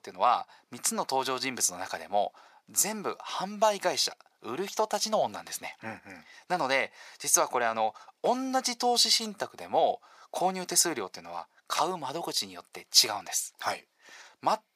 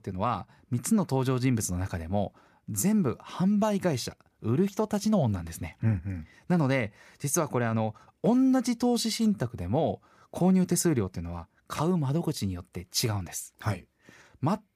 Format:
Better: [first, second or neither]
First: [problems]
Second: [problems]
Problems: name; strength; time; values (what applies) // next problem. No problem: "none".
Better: second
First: thin; very; fading below 600 Hz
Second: none